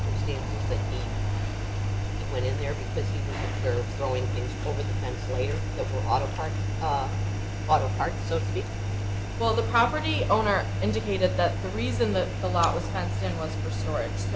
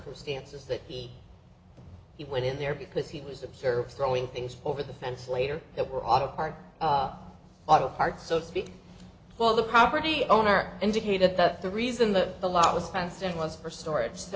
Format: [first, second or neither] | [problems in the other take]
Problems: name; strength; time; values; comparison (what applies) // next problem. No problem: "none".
second | background sound (Engine); 1 dB above the speech